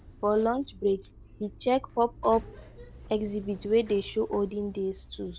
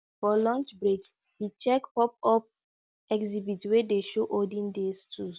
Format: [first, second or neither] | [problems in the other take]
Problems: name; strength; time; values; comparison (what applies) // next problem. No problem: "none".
second | background sound (Motor vehicle (road) + Sliding door); 18 dB below the speech